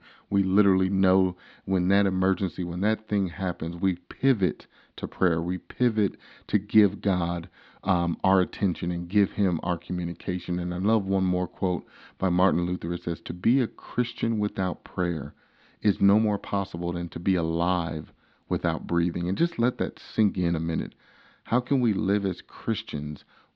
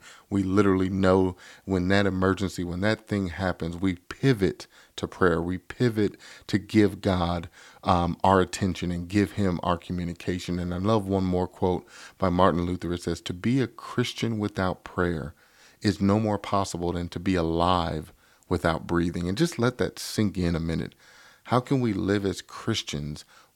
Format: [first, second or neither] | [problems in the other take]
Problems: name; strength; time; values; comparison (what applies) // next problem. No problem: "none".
second | muffled; very slightly; fading above 4 kHz